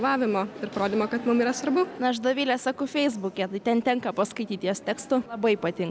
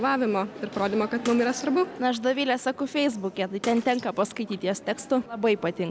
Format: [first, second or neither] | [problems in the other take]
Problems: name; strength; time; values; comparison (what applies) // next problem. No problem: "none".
first | background sound (Bathtub (filling or washing) / Water / Splash, splatter); 20 dB below the speech